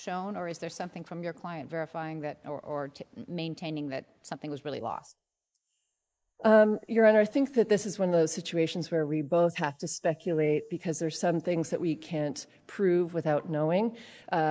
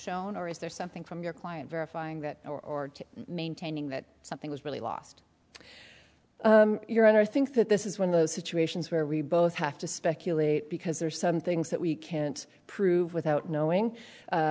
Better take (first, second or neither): second